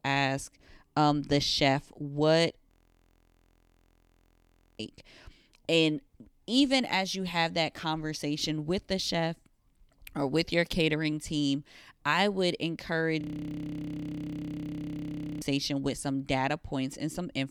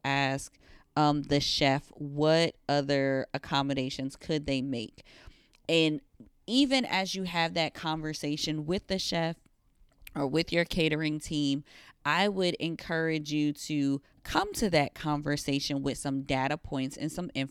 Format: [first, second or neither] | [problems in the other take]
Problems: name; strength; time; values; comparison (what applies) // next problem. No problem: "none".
second | audio freezing; at 2.5 s for 2 s and at 13 s for 2 s